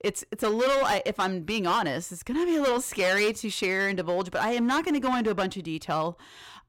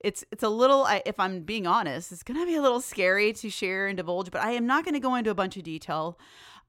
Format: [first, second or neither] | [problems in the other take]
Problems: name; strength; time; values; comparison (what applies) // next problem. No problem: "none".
second | distortion; heavy; 12% of the sound clipped